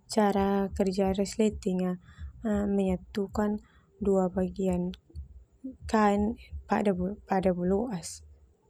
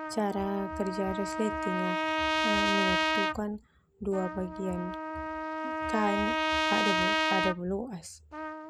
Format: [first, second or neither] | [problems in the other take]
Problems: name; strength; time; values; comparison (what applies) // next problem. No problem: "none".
first | background sound (Trumpet); 3 dB above the speech